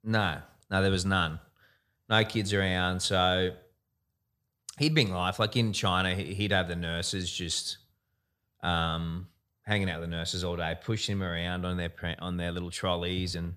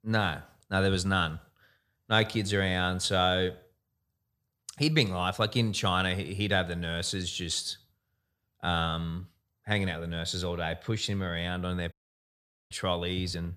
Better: first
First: none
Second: audio cutting out; at 12 s for 1 s

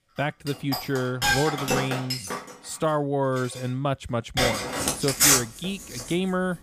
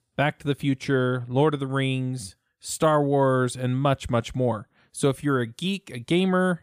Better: second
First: household noises; very loud; throughout; 4 dB above the speech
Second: none

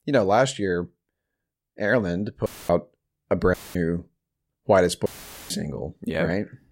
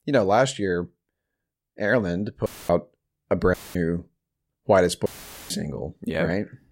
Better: neither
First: audio cutting out; filled with static; at 2.5 s, at 3.5 s and at 5 s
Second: audio cutting out; filled with static; at 2.5 s, at 3.5 s and at 5 s

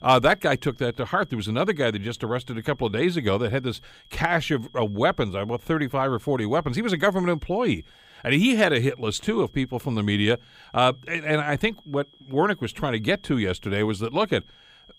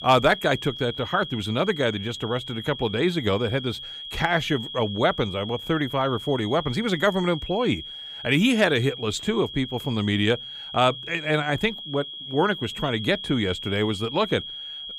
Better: first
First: high-pitched whine; faint; throughout; 3.5 kHz, 30 dB below the speech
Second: high-pitched whine; loud; throughout; 3.5 kHz, 10 dB below the speech

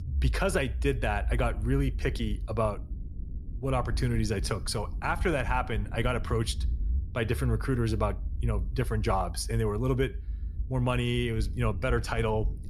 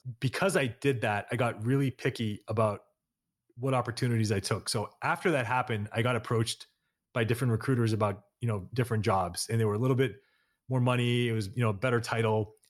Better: second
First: low rumble; faint; throughout; 20 dB below the speech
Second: none

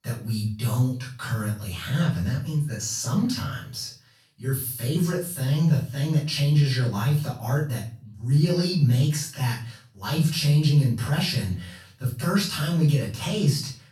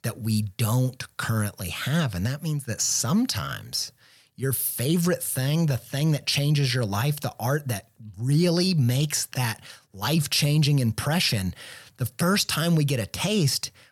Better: second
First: off-mic speech; far // room echo; noticeable; dies away in 0.4 s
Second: none

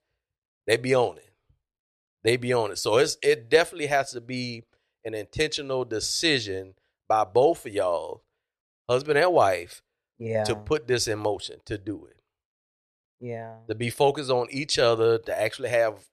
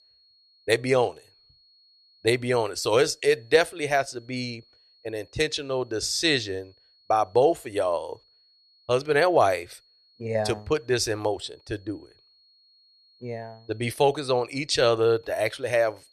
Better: first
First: none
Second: high-pitched whine; faint; throughout; 4.5 kHz, 35 dB below the speech

